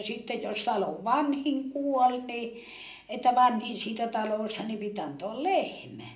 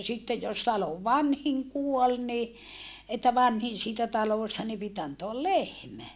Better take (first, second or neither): second